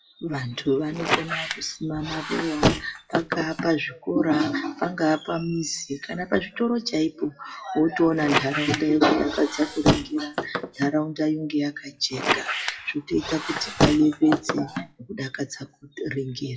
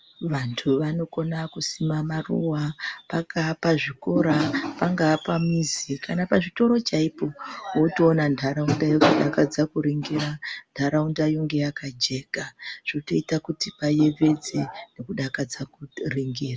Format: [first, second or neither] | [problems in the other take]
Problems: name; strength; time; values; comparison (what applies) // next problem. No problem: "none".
second | noise reduction (classical method WPE with log-MMSE)